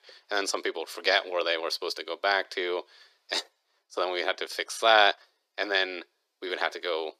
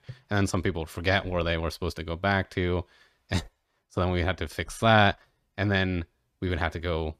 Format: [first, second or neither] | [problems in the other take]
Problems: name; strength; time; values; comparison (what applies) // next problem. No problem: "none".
second | thin; very; fading below 350 Hz